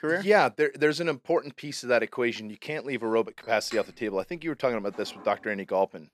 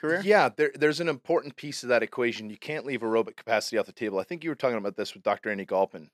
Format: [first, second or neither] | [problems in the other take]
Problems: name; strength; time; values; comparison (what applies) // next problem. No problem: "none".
second | household noises; faint; from 3.5 s on; 20 dB below the speech